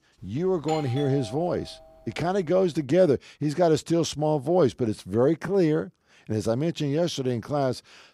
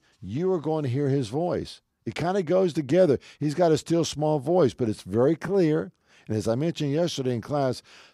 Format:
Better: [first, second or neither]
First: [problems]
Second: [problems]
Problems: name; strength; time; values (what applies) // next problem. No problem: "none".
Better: second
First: doorbell; faint; from 0.5 to 2 s; peak 10 dB below the speech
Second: none